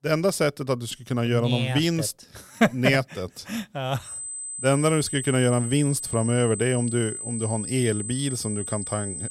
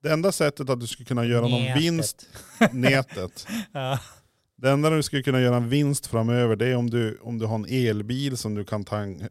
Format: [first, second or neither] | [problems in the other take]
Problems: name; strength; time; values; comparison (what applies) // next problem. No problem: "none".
second | high-pitched whine; loud; from 4 s on; 8 kHz, 6 dB below the speech